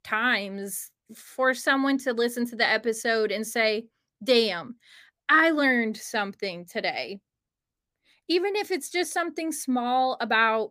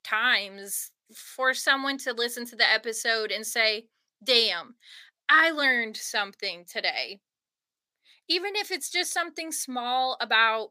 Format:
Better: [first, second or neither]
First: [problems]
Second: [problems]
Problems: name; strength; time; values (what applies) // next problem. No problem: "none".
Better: first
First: none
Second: thin; somewhat; fading below 1 kHz